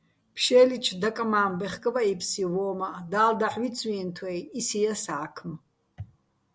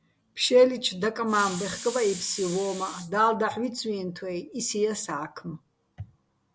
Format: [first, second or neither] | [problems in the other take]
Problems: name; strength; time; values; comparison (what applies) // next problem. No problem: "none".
first | background sound (Hiss); 12 dB below the speech